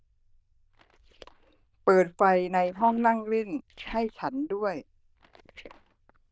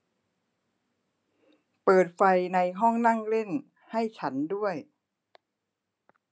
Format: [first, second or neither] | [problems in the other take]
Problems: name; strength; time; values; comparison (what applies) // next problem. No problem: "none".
second | noise reduction (neural diffusion model UNIVERSE++)